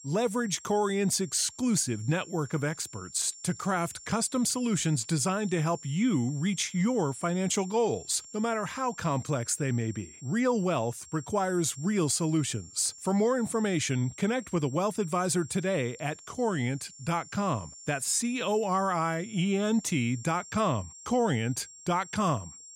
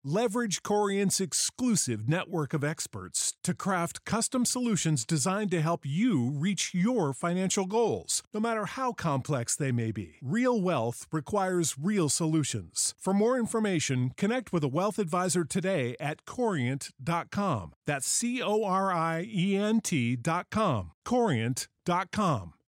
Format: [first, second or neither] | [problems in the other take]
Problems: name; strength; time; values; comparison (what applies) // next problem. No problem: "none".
second | high-pitched whine; noticeable; throughout; 7.5 kHz, 15 dB below the speech